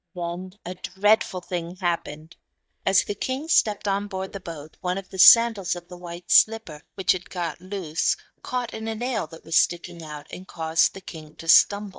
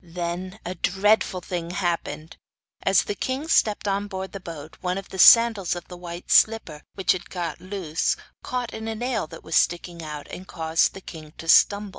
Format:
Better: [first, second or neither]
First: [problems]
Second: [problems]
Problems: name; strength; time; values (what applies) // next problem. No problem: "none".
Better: second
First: noise reduction (neural mask model DeepFilterNet 3)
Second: none